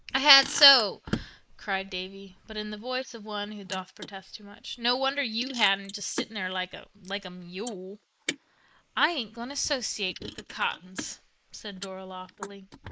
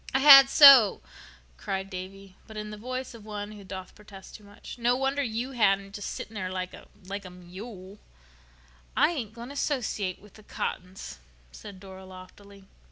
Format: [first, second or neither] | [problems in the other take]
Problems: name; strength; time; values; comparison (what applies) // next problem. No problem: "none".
second | noise reduction (neural mask model Resemble Enhance denoiser)